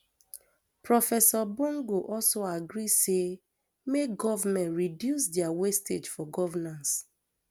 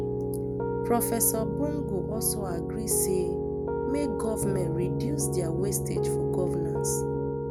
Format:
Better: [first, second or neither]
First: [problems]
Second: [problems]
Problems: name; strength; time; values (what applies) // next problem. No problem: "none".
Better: first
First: none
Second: background sound (Piano); 3 dB above the speech